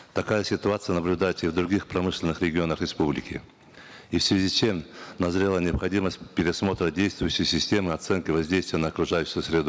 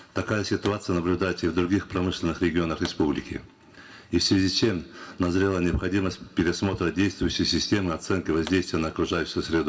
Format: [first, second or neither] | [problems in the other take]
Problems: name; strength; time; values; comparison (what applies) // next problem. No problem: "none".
first | background sound (Explosion); 19 dB below the speech // room echo; dies away in 0.2 s